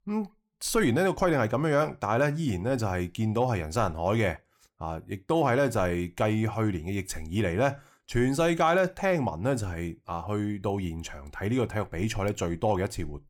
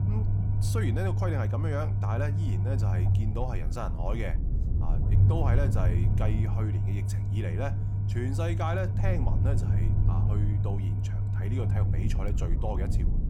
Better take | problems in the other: first | low rumble; loud; throughout; 4 dB below the speech

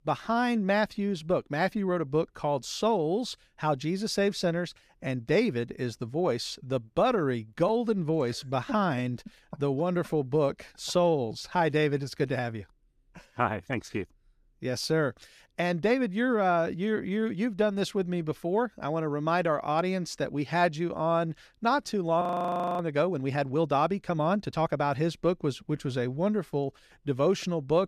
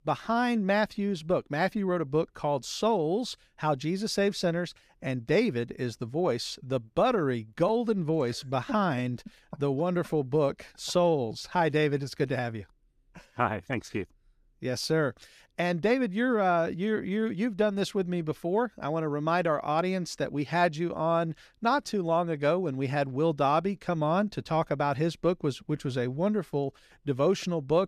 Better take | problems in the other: second | audio freezing; at 22 s for 0.5 s

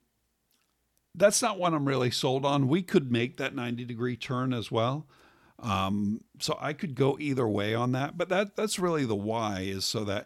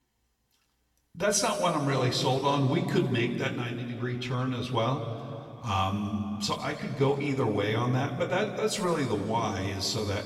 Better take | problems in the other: first | room echo; noticeable; dies away in 2.1 s // off-mic speech; somewhat distant

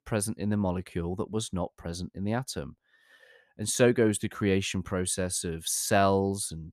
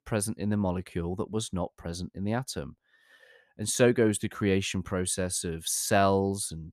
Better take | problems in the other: neither | none

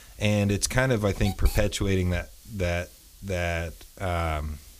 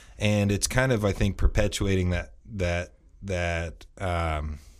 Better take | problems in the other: second | hiss; noticeable; throughout; 20 dB below the speech

